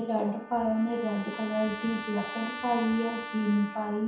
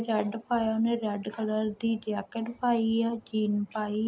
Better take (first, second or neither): second